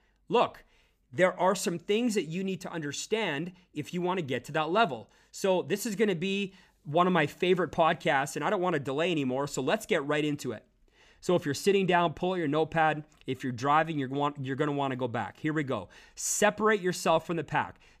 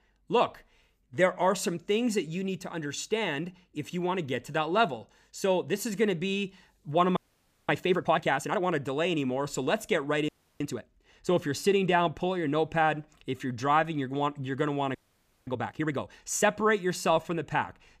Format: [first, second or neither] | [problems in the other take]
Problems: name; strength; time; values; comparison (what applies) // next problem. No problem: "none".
first | audio freezing; at 7 s for 0.5 s, at 10 s and at 15 s for 0.5 s